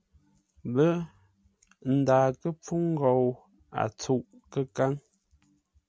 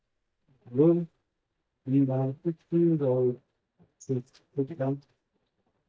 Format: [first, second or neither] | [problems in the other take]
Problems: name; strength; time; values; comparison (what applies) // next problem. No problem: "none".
first | noise reduction (neural mask model DeepFilterNet 3)